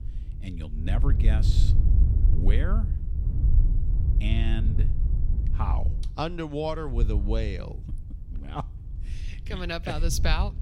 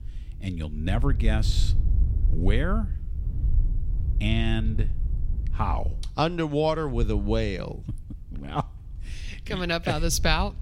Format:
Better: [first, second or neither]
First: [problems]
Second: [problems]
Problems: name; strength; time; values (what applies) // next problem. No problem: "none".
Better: second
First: wind noise on the microphone; heavy; 10 dB below the speech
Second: wind noise on the microphone; occasional gusts; 20 dB below the speech